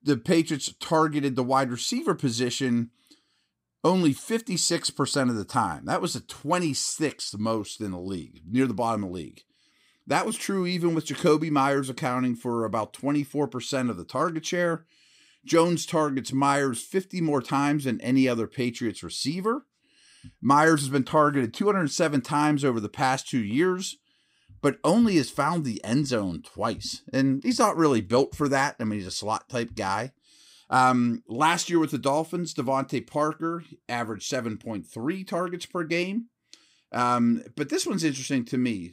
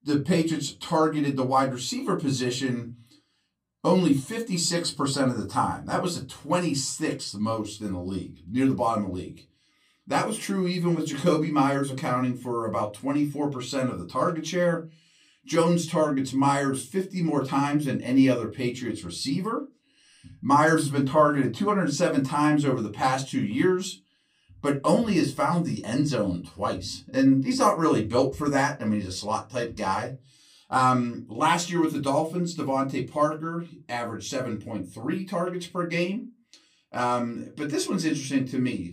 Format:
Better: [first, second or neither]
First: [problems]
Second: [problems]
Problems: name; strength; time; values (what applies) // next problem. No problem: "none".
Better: first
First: none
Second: off-mic speech; far // room echo; very slight; dies away in 0.2 s